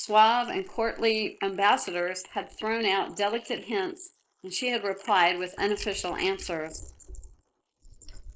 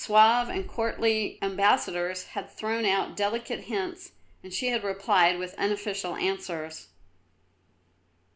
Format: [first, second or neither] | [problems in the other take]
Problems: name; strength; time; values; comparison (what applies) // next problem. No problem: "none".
second | noise reduction (neural mask model Resemble Enhance denoiser)